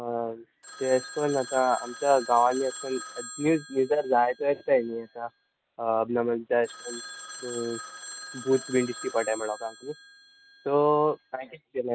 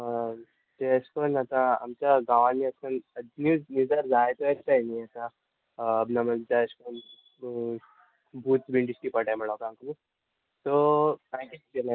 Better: second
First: background sound (Telephone); 15 dB below the speech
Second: none

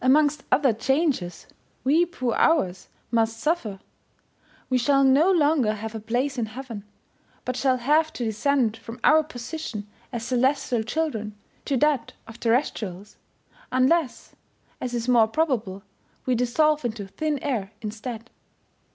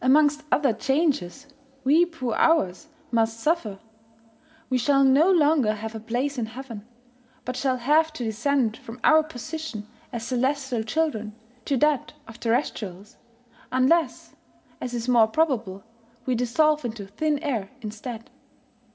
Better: first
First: none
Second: room echo; dies away in 0.5 s

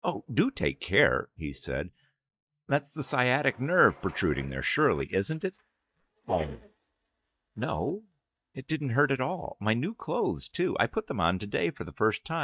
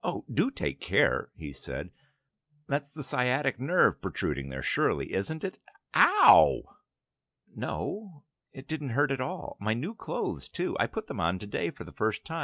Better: second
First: noise reduction (neural mask model DeepFilterNet 3)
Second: none

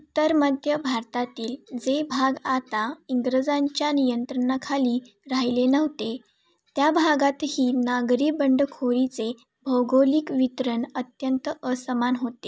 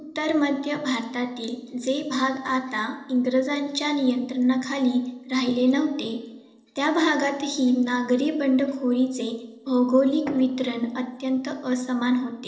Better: first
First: none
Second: noise reduction (neural separator model SepFormer DNS4)

